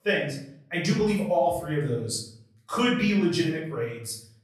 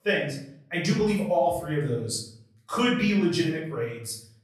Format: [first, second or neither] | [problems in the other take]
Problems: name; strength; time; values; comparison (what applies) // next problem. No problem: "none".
neither | room echo; noticeable; dies away in 0.6 s; the same in both // off-mic speech; far; the same in both